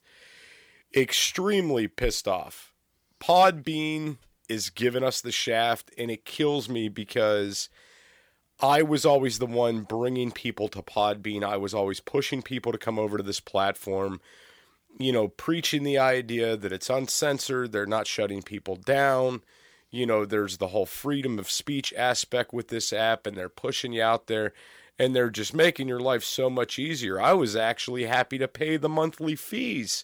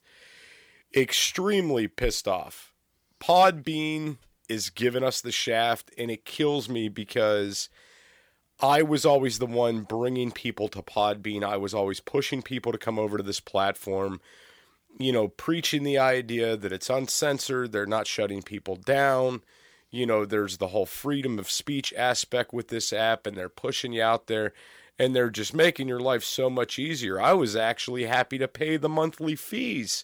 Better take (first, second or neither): neither